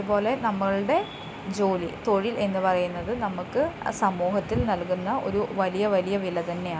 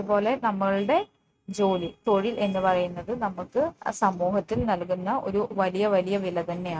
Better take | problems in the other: first | noise reduction (neural mask model RNNoise)

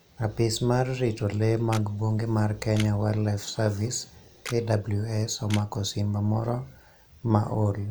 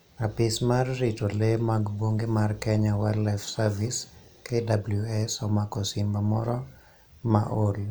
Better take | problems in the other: second | background sound (Camera); 19 dB below the speech

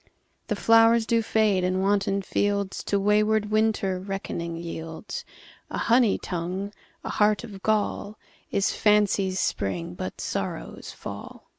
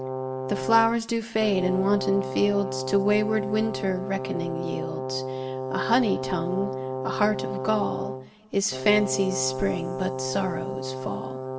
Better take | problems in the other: first | background sound (Brass instrument); 5 dB below the speech // room echo; dies away in 1.7 s

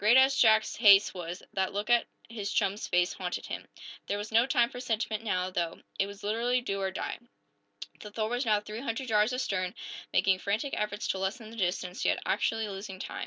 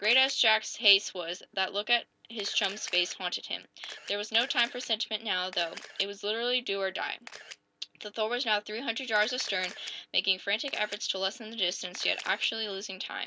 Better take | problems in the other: first | background sound (Camera); 18 dB below the speech

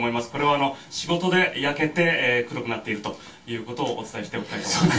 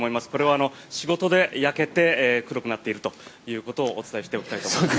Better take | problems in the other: second | room echo; dies away in 0.2 s

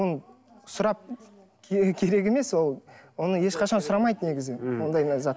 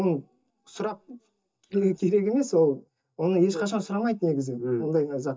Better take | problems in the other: first | noise reduction (neural mask model DeepFilterNet 3)

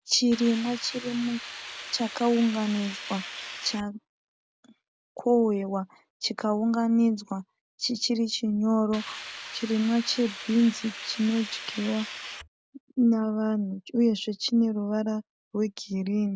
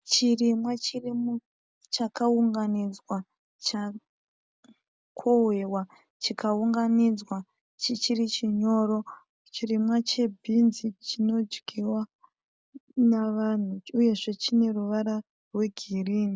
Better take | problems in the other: second | background sound (Hiss); 12 dB below the speech

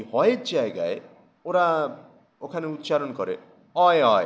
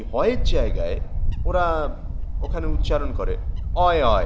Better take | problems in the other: first | background sound (Wind / Bird); 2 dB above the speech

